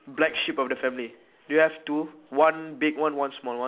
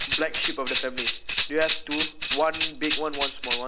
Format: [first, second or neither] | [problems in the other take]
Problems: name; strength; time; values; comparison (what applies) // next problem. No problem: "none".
first | background sound (Tambourine); 1 dB above the speech